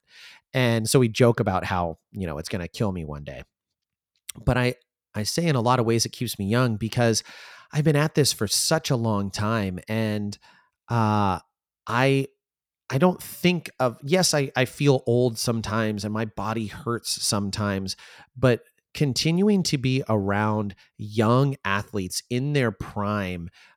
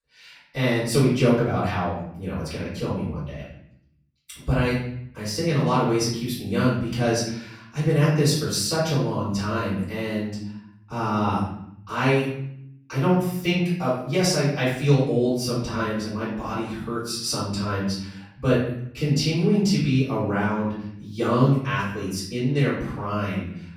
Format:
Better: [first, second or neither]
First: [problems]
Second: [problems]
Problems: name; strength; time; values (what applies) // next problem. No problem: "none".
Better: first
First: none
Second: room echo; noticeable; dies away in 0.7 s // off-mic speech; far